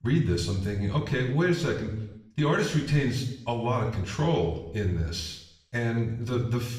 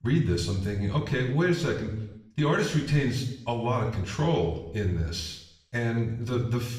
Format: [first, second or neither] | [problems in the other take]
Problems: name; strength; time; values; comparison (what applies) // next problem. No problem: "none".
neither | room echo; noticeable; dies away in 0.7 s; the same in both // off-mic speech; far; the same in both